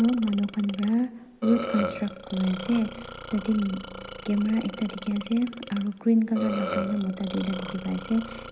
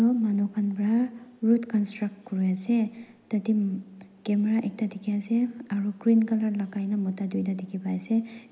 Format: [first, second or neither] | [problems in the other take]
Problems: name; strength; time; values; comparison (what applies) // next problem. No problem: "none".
second | background sound (Burping, eructation); 10 dB below the speech